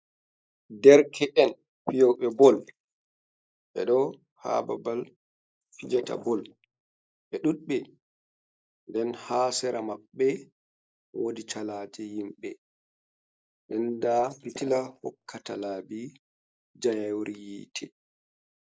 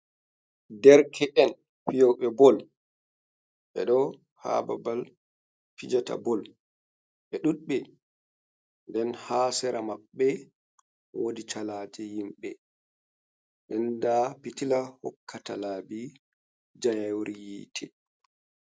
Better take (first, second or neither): second